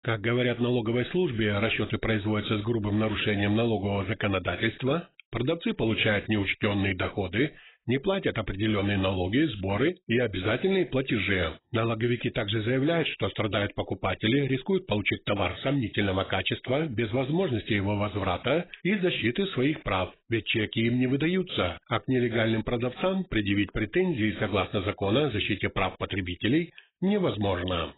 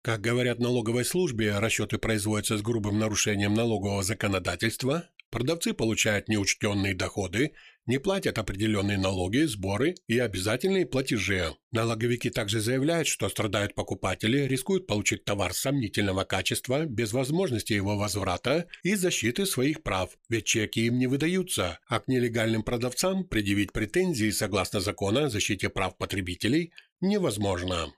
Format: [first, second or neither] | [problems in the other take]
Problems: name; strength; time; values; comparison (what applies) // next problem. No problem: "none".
second | garbled, watery; badly; nothing above 4 kHz